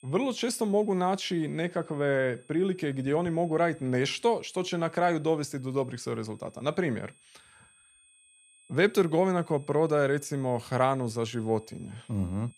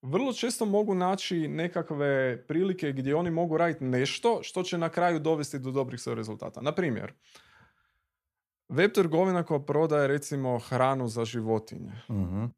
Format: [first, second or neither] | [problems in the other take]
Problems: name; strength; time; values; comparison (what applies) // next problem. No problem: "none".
second | high-pitched whine; faint; throughout; 8.5 kHz, 30 dB below the speech